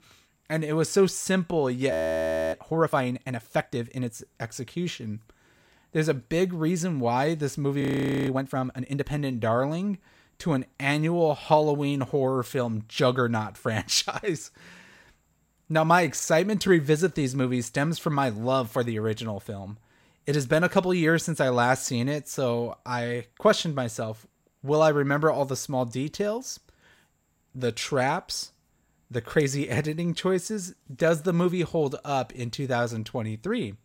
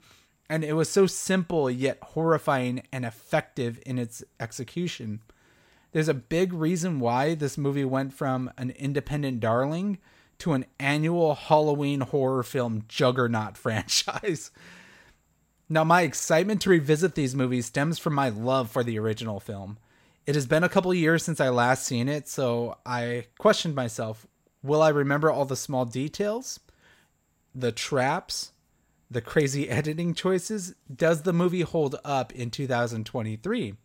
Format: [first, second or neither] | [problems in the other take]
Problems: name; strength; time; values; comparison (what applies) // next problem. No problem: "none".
second | audio freezing; at 2 s for 0.5 s and at 8 s